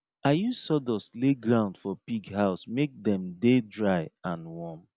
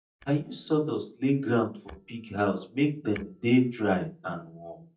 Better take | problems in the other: first | noise reduction (neural mask model DeepFilterNet 3)

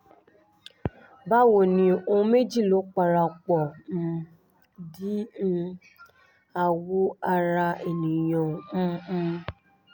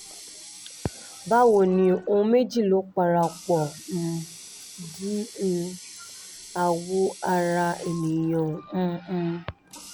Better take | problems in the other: first | background sound (Water tap, faucet); 19 dB below the speech

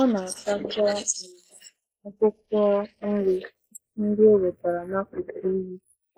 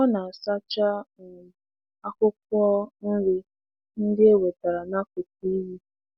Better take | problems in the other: second | noise reduction (neural mask model Resemble Enhance denoiser)

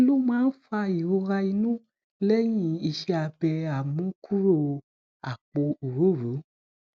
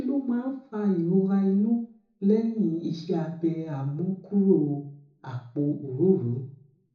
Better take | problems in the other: first | room echo; dies away in 0.7 s

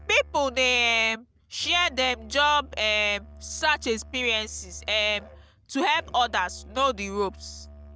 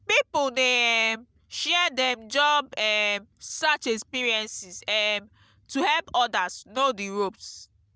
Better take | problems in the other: second | background sound (Musical instrument); 19 dB below the speech

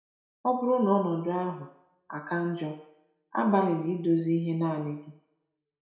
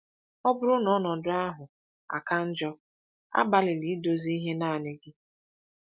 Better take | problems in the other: second | room echo; dies away in 0.6 s

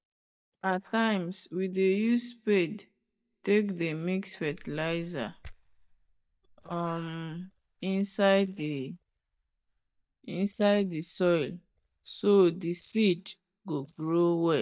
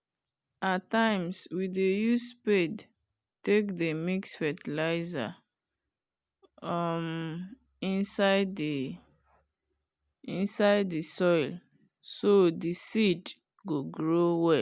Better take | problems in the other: second | noise reduction (neural mask model DeepFilterNet 3)

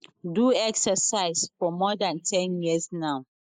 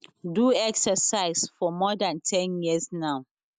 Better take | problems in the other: second | noise reduction (neural mask model Resemble Enhance denoiser)

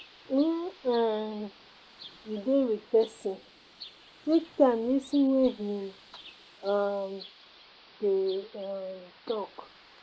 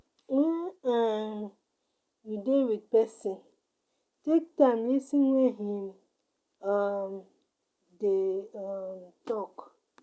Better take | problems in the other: second | noise reduction (neural mask model Resemble Enhance denoiser)

